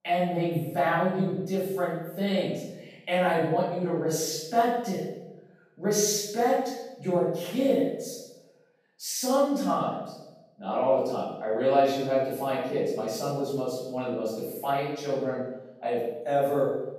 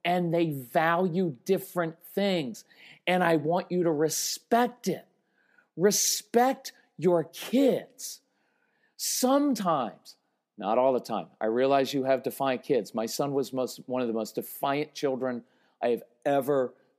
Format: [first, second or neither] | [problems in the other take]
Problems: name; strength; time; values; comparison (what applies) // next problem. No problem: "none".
second | off-mic speech; far // room echo; strong; dies away in 0.8 s